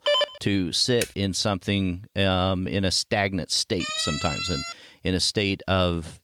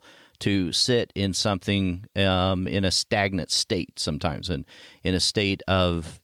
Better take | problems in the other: second | phone ringing; loud; at the start; peak 2 dB above the speech // keyboard typing; noticeable; at 1 s; peak 9 dB below the speech // siren; noticeable; at 4 s; peak 3 dB below the speech

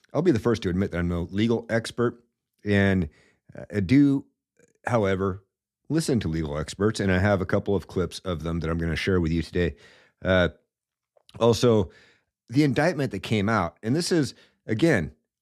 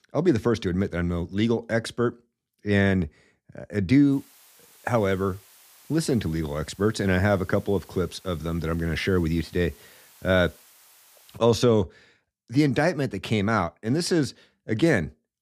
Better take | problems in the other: first | hiss; faint; from 4 to 11 s; 25 dB below the speech

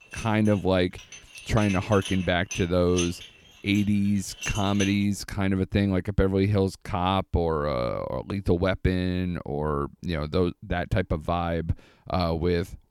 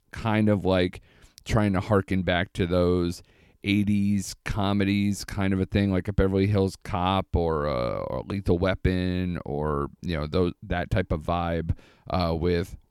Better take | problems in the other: second | clattering dishes; noticeable; until 5 s; peak 7 dB below the speech

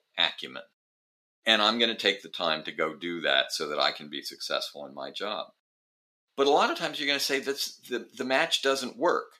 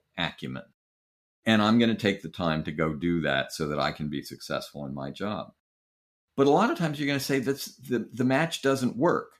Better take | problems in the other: second | thin; somewhat; fading below 450 Hz

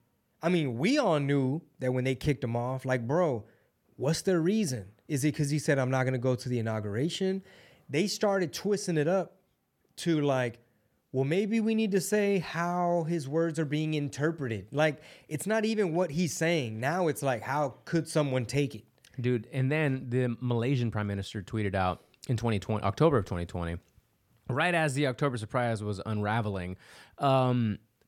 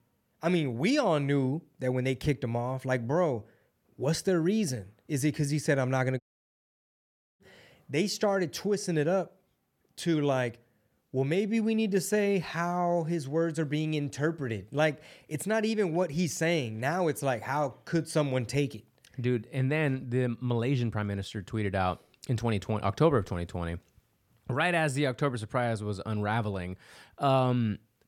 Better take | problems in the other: first | audio cutting out; at 6 s for 1 s

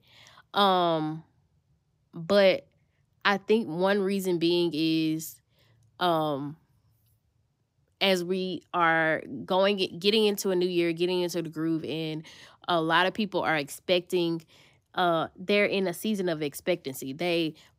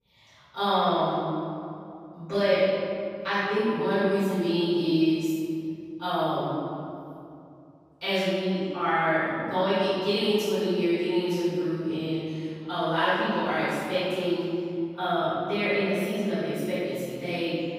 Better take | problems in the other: first | off-mic speech; far // room echo; strong; dies away in 2.5 s

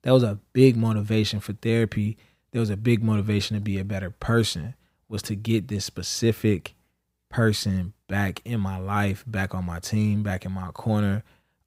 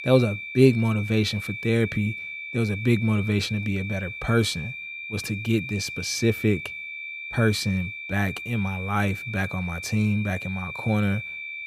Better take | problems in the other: first | high-pitched whine; loud; throughout; 2.5 kHz, 8 dB below the speech

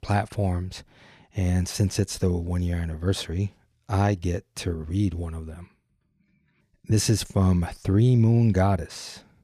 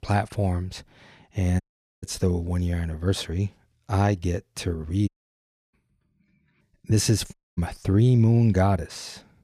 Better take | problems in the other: first | audio cutting out; at 1.5 s, at 5 s for 0.5 s and at 7.5 s

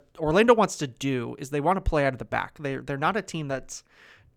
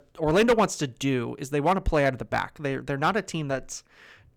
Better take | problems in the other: first | distortion; slight; 3% of the sound clipped

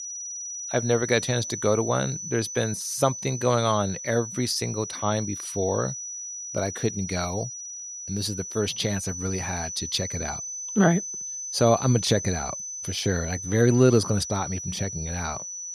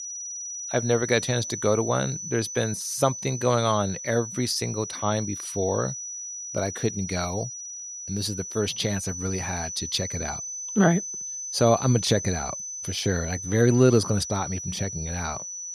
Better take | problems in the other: neither | high-pitched whine; loud; throughout; 6 kHz, 7 dB below the speech; the same in both

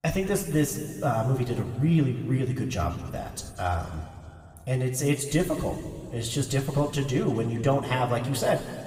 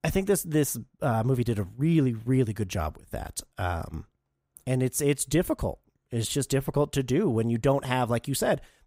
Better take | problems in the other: second | room echo; slight; dies away in 2.3 s // off-mic speech; somewhat distant

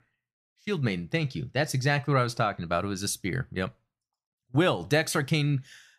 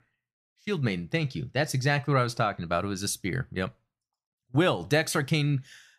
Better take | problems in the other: neither | none

